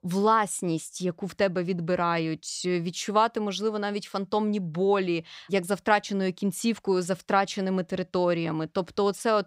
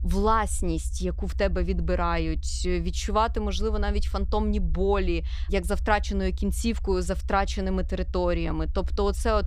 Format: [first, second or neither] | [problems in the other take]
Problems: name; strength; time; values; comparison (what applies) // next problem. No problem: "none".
first | low rumble; faint; throughout; 25 dB below the speech